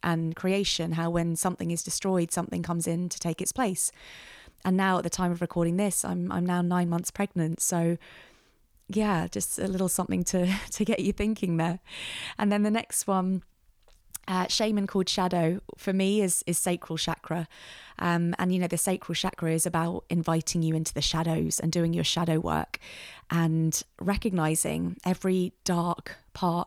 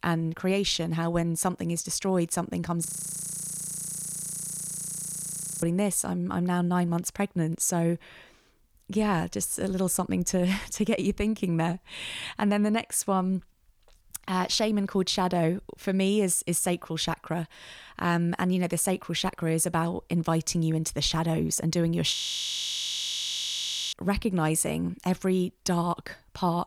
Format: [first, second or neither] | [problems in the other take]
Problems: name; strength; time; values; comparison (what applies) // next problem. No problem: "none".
first | audio freezing; at 3 s for 3 s and at 22 s for 2 s